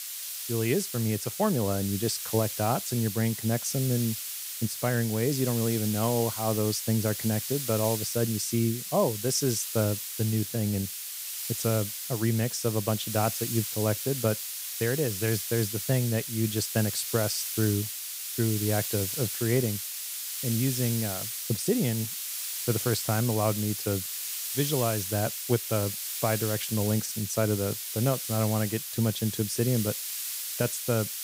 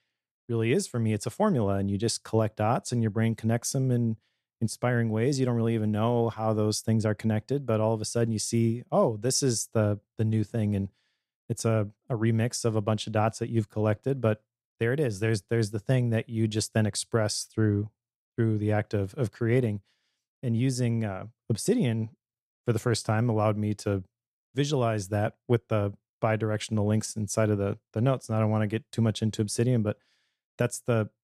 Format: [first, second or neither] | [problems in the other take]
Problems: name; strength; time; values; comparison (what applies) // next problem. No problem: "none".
second | hiss; loud; throughout; 3 dB below the speech